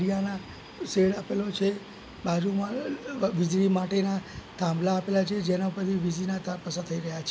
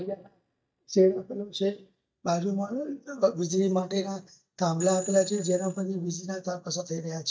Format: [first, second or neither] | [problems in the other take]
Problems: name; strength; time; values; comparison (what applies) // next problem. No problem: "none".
first | noise reduction (neural mask model DeepFilterNet 3)